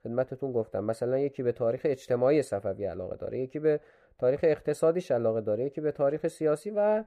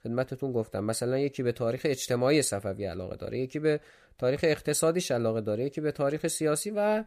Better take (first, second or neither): second